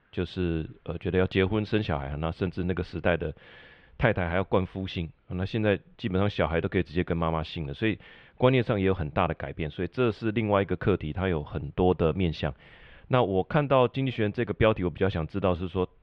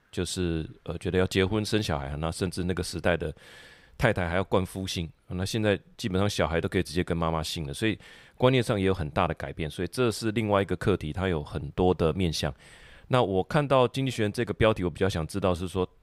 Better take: second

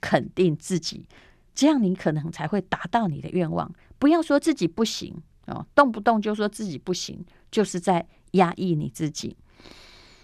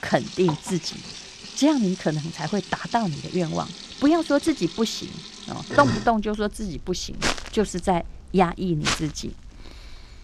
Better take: first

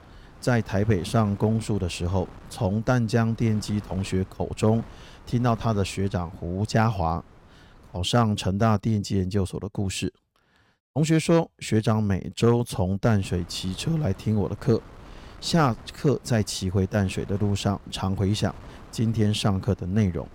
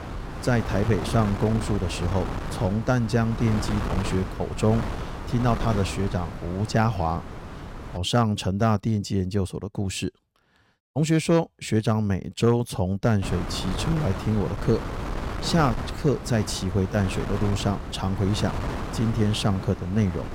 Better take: first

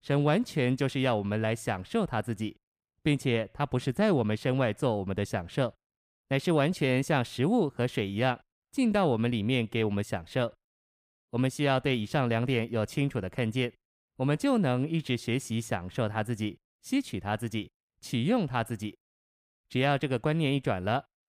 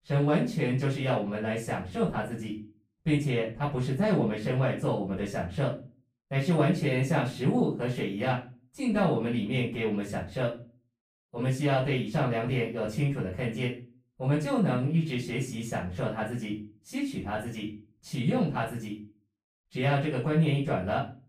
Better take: first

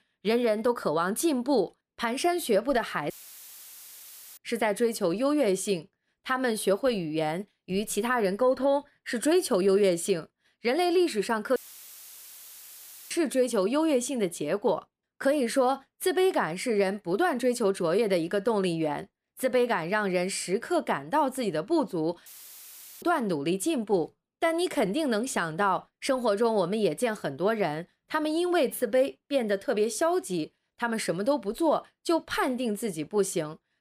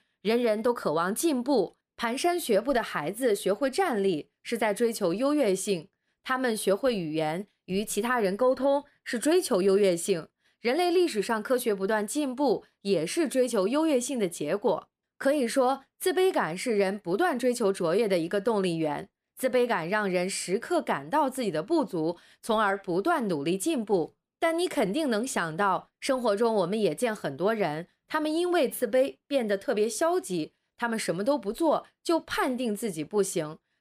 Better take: second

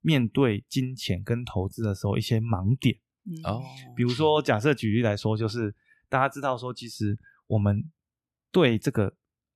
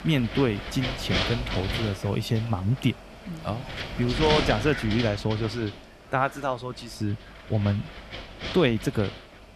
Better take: first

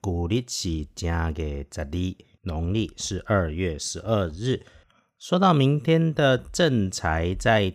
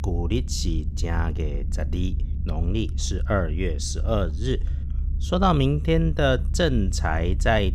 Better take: first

